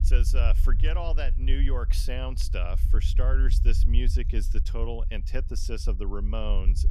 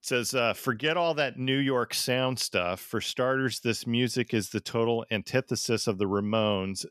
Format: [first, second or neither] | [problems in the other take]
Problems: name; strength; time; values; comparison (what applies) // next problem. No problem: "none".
second | low rumble; noticeable; throughout; 10 dB below the speech